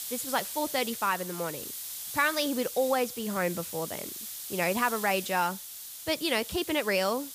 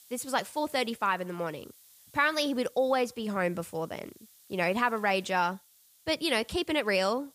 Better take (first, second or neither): second